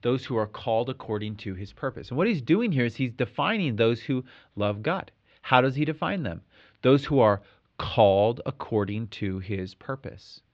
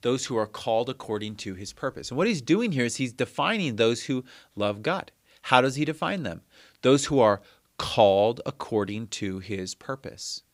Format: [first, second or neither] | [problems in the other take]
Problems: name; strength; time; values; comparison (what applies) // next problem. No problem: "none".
second | muffled; slightly; fading above 3.5 kHz